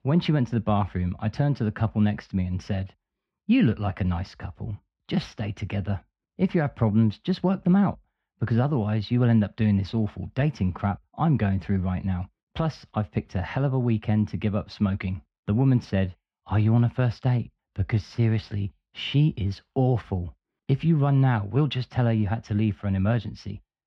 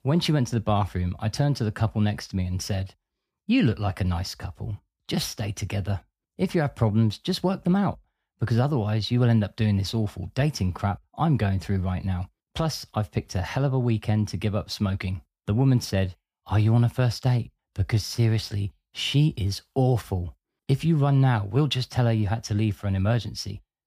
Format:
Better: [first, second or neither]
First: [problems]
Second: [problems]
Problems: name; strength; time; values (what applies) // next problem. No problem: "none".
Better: second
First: muffled; slightly; fading above 2.5 kHz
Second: none